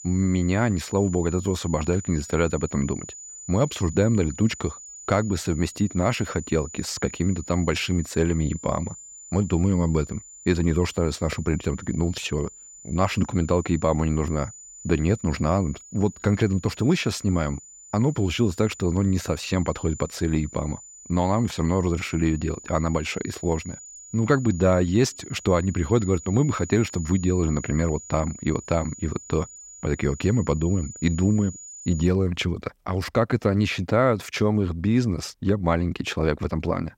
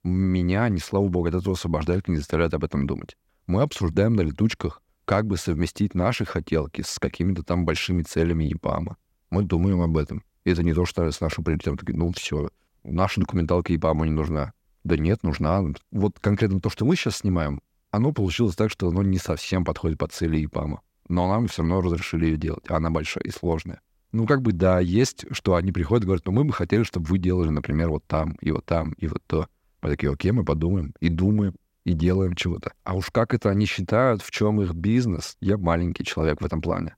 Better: second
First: high-pitched whine; noticeable; until 32 s; 7 kHz, 15 dB below the speech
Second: none

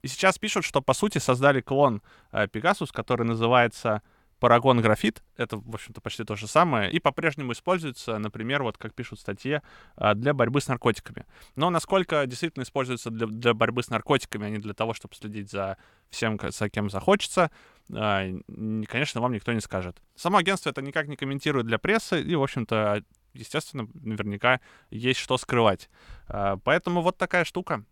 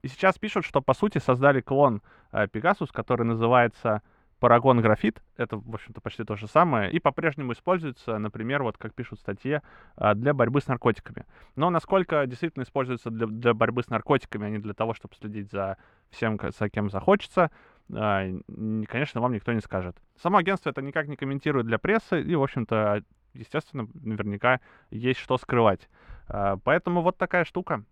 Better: first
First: none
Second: muffled; very; fading above 3.5 kHz

